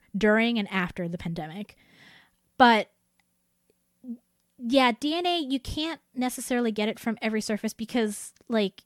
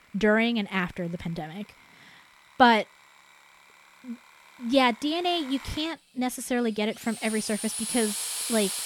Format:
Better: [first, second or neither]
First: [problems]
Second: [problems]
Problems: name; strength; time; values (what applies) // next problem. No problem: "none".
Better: first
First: none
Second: machinery noise; loud; throughout; 6 dB below the speech